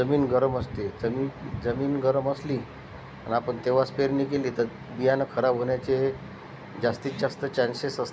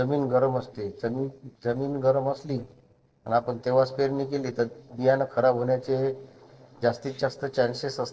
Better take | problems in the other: first | noise reduction (neural separator model SepFormer DNS4)

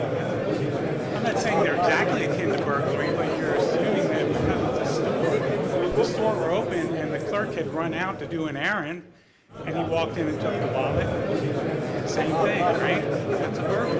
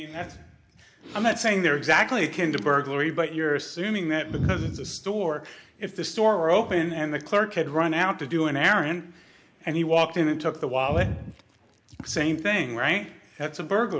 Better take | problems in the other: second | background sound (Crowd); 4 dB above the speech

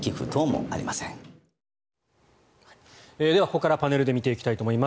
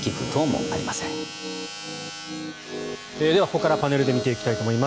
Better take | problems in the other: first | background sound (Domestic sounds, home sounds + Piano); 7 dB below the speech

